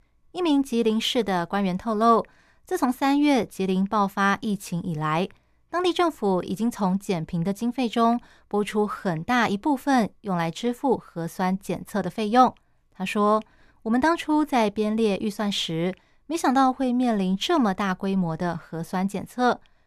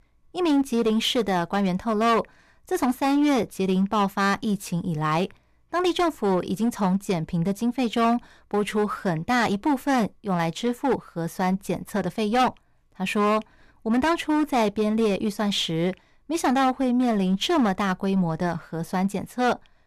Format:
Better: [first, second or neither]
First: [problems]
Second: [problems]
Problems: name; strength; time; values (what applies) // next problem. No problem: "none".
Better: first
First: none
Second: distortion; slight; 8% of the sound clipped